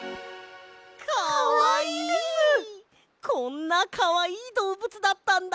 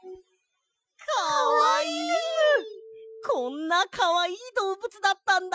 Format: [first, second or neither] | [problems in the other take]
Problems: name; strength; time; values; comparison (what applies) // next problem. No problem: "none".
first | noise reduction (classical method Wiener filter)